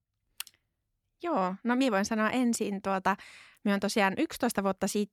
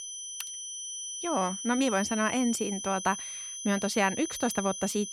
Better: first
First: none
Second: high-pitched whine; loud; throughout; 6 kHz, 6 dB below the speech

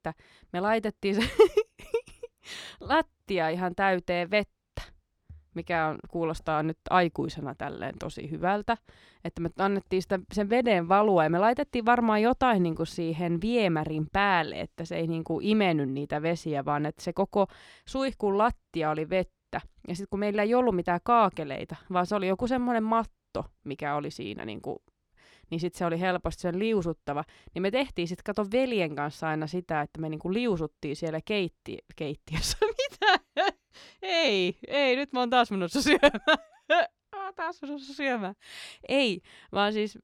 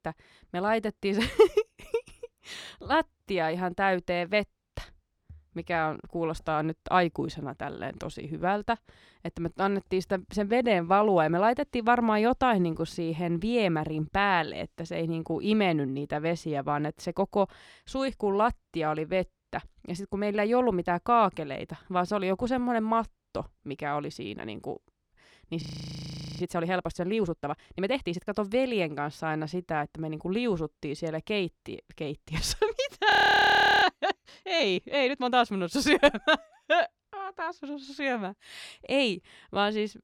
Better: first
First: none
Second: audio freezing; at 26 s for 1 s and at 33 s for 0.5 s

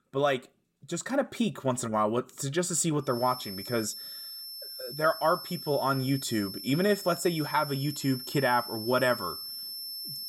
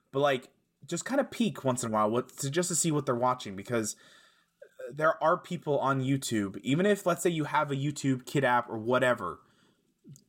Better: second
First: high-pitched whine; loud; from 3 s on; 5.5 kHz, 9 dB below the speech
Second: none

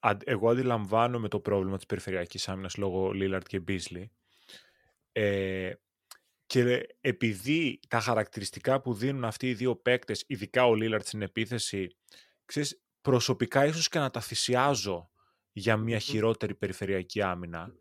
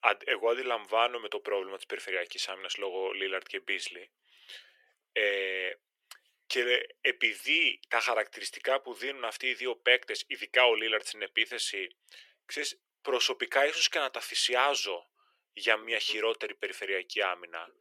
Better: first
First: none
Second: thin; very; fading below 400 Hz

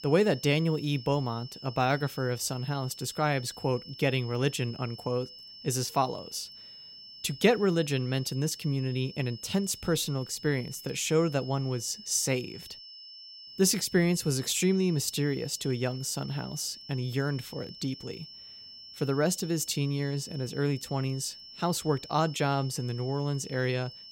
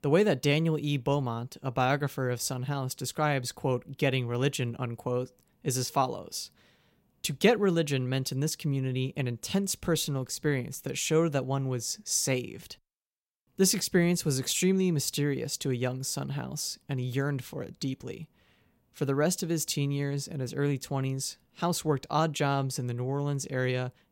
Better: second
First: high-pitched whine; noticeable; throughout; 5.5 kHz, 15 dB below the speech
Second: none

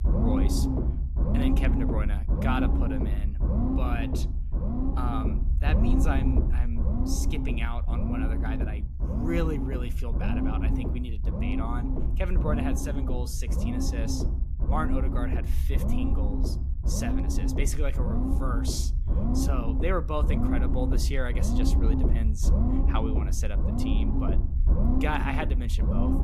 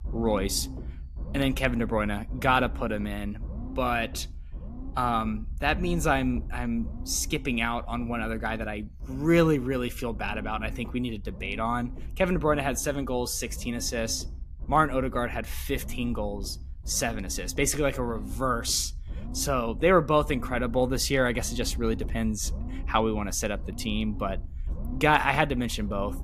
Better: second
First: low rumble; loud; throughout; 1 dB below the speech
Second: low rumble; faint; throughout; 20 dB below the speech

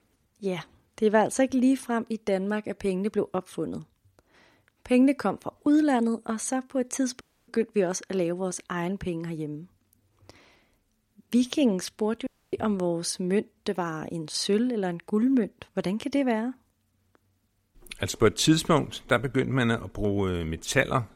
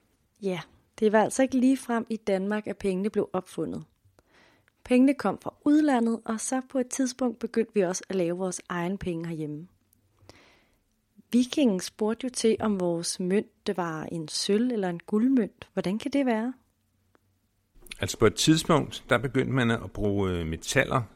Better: second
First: audio cutting out; at 7 s and at 12 s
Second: none

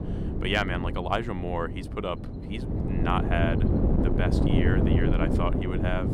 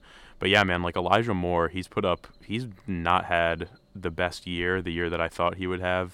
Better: second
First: wind noise on the microphone; heavy; 3 dB below the speech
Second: none

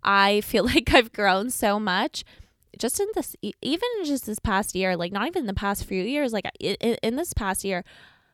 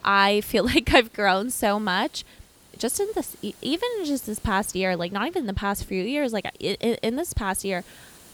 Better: first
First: none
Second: hiss; faint; throughout; 25 dB below the speech

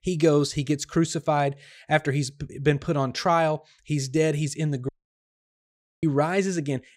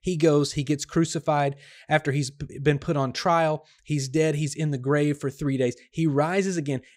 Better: second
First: audio cutting out; at 5 s for 1 s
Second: none

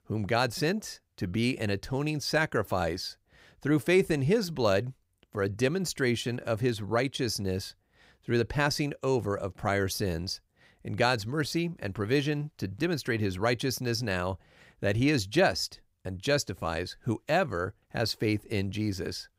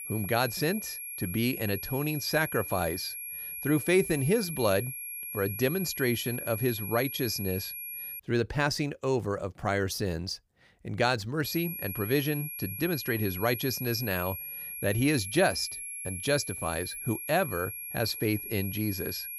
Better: first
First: none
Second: high-pitched whine; loud; until 8 s and from 11 s on; 11.5 kHz, 6 dB below the speech

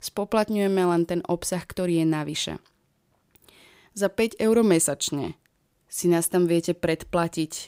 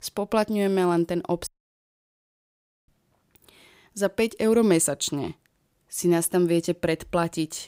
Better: first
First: none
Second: audio cutting out; at 1.5 s for 1.5 s

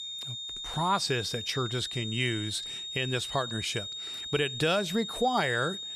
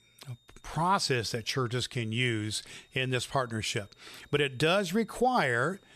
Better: second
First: high-pitched whine; loud; throughout; 3.5 kHz, 5 dB below the speech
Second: high-pitched whine; faint; throughout; 3.5 kHz, 35 dB below the speech

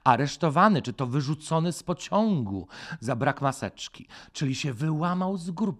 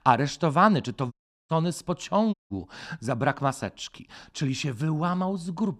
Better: first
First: none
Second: audio cutting out; at 1 s and at 2.5 s

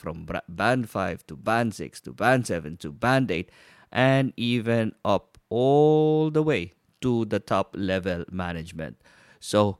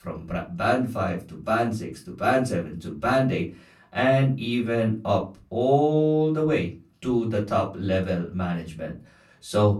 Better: first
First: none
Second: off-mic speech; far // room echo; very slight; dies away in 0.3 s

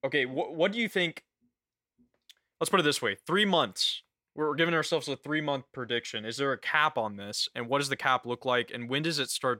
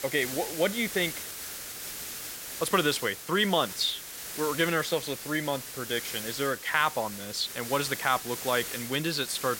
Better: first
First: none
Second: hiss; loud; throughout; 7 dB below the speech

